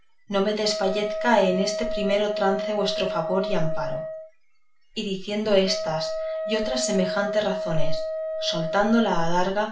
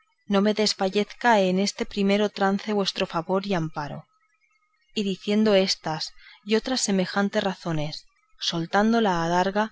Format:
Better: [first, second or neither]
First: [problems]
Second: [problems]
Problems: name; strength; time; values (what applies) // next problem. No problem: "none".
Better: second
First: background sound (Wind instrument, woodwind instrument); 6 dB below the speech // room echo; dies away in 0.3 s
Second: none